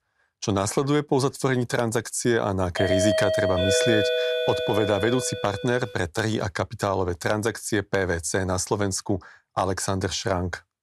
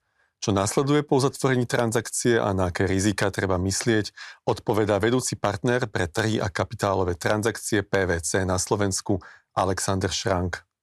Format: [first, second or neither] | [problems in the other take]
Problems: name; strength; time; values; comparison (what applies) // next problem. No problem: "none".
second | doorbell; loud; from 3 to 6 s; peak 3 dB above the speech